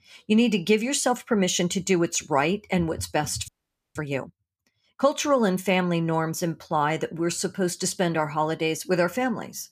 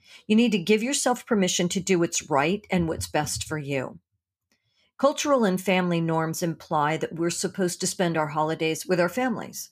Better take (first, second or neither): second